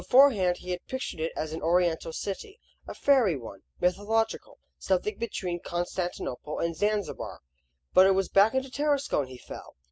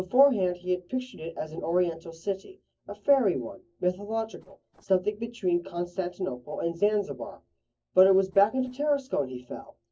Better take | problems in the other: first | noise reduction (neural separator model SepFormer DNS4)

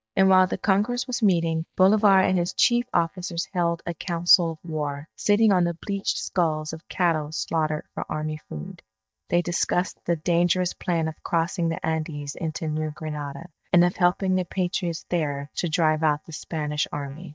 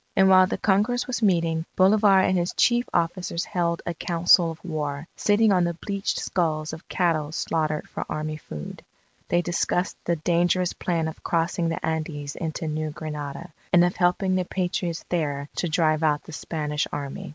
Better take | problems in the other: second | noise reduction (neural mask model DeepFilterNet 3)

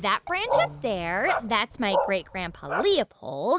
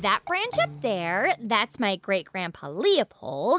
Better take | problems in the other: second | background sound (Bark); 4 dB below the speech

